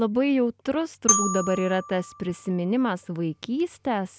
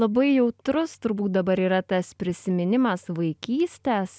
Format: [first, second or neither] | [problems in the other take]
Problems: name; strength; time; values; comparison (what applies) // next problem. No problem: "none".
second | background sound (Glockenspiel); 5 dB below the speech